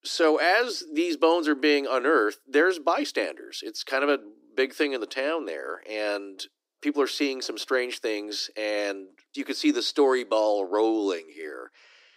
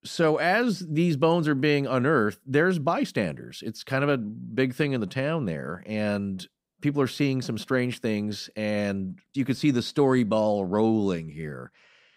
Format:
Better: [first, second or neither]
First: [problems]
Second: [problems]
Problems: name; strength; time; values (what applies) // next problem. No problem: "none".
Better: second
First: thin; somewhat; fading below 300 Hz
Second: none